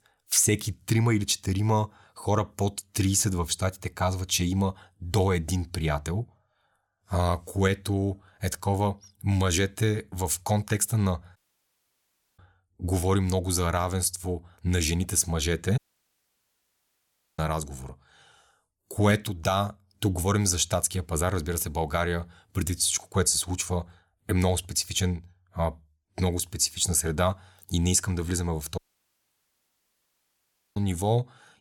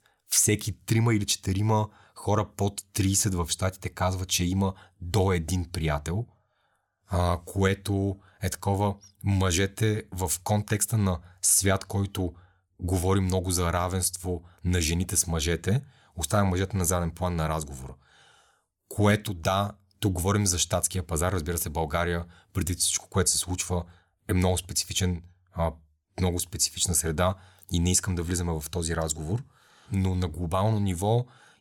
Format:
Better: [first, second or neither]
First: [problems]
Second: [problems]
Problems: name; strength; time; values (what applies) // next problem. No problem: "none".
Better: second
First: audio cutting out; at 11 s for 1 s, at 16 s for 1.5 s and at 29 s for 2 s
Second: none